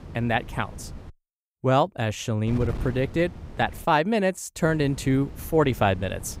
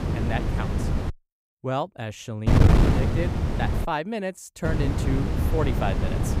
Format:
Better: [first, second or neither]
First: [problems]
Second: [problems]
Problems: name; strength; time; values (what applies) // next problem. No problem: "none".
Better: first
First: wind noise on the microphone; occasional gusts; until 1 s, from 2.5 to 4 s and from 4.5 s on; 20 dB below the speech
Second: wind noise on the microphone; heavy; until 1 s, from 2.5 to 4 s and from 4.5 s on; as loud as the speech